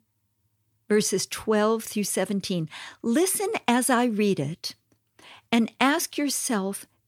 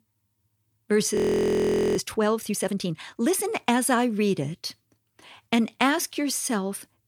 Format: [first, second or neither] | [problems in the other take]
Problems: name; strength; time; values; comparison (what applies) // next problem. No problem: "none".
first | audio freezing; at 1 s for 1 s